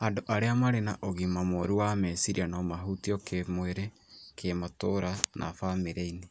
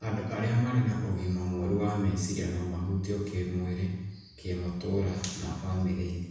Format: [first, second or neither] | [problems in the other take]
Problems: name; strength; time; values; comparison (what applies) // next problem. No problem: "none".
first | room echo; dies away in 1.1 s